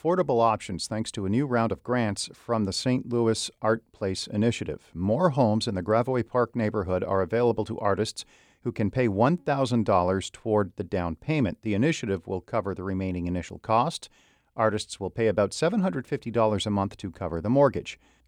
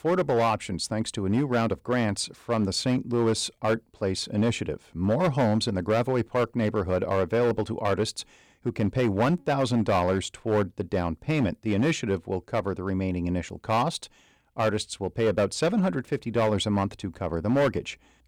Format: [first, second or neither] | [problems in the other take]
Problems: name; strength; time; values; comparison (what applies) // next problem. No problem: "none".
first | distortion; slight; 7% of the sound clipped